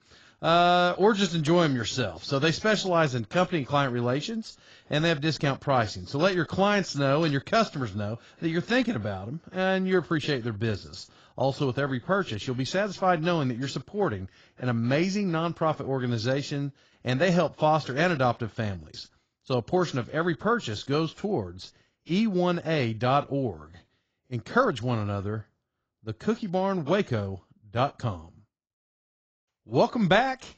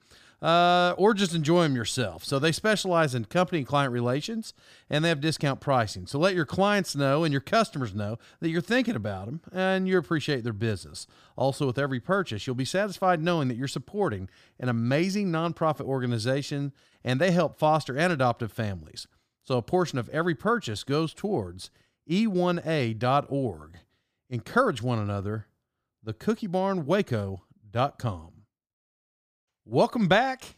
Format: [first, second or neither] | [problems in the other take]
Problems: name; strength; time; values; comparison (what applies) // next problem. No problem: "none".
second | garbled, watery; badly; nothing above 7.5 kHz